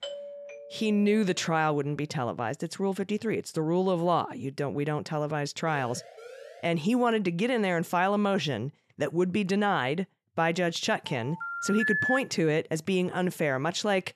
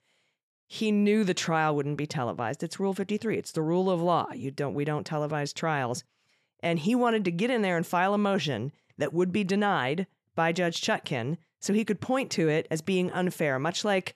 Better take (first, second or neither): second